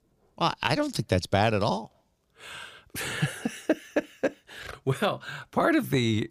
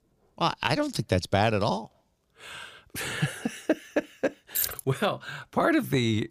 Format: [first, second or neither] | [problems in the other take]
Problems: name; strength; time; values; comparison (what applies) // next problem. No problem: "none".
first | jangling keys; noticeable; at 4.5 s; peak level with the speech